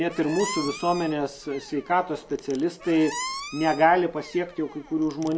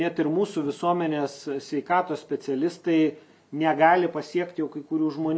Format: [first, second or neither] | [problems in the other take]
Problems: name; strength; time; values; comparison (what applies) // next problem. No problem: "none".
second | background sound (Squeak); 13 dB below the speech